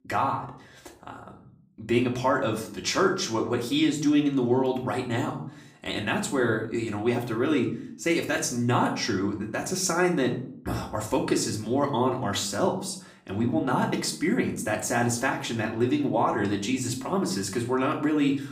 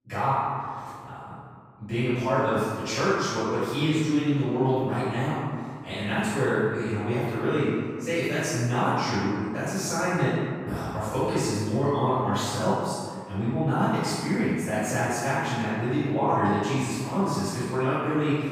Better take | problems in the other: first | room echo; strong; dies away in 1.8 s; slight in the first // off-mic speech; far; far in the first

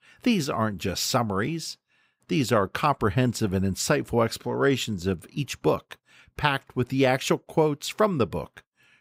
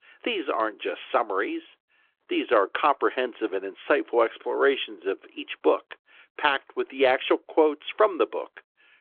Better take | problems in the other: first | phone-call audio; nothing above 3.5 kHz

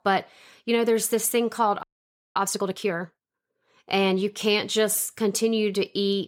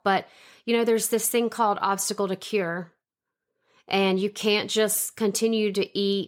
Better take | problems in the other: second | audio freezing; at 2 s for 0.5 s

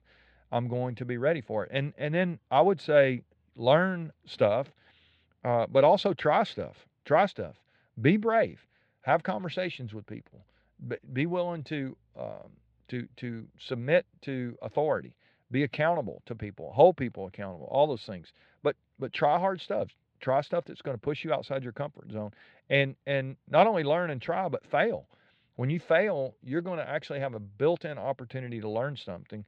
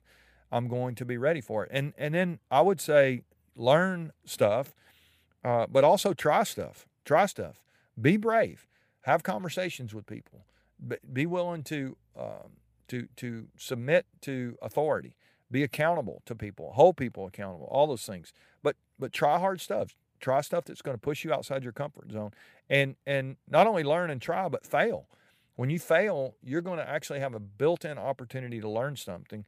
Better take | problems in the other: second | muffled; very slightly; fading above 4 kHz

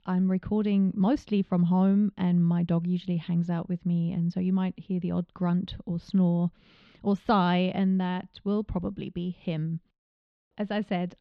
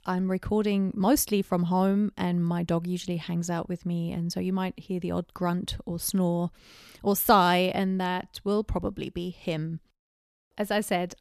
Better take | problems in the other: second | muffled; slightly; fading above 3.5 kHz

